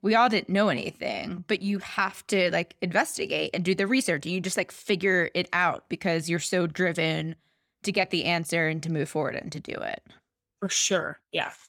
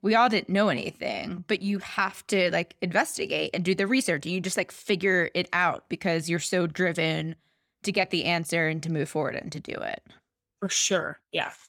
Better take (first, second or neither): neither